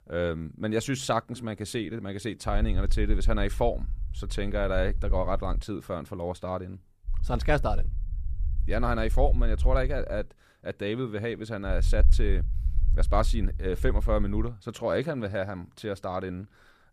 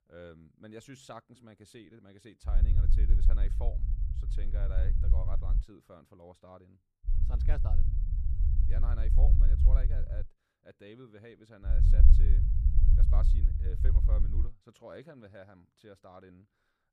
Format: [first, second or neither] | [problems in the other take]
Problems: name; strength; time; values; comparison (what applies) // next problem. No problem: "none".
first | low rumble; loud; from 2.5 to 5.5 s, from 7 to 10 s and from 12 to 14 s; as loud as the speech; faint in the first